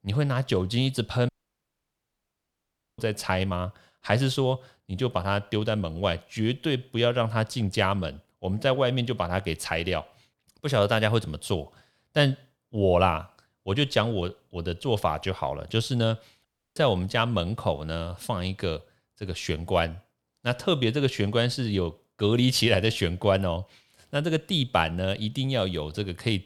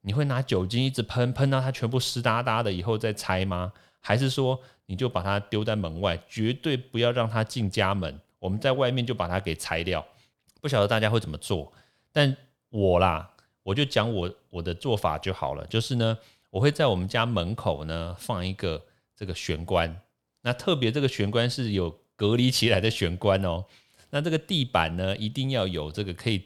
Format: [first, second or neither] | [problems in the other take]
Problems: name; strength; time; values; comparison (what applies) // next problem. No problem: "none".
second | audio cutting out; at 1.5 s for 1.5 s and at 16 s